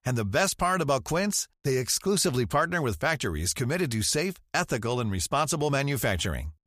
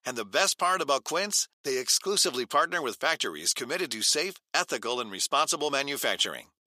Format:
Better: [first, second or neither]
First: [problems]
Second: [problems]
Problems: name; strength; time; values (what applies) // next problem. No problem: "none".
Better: first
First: none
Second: thin; somewhat; fading below 300 Hz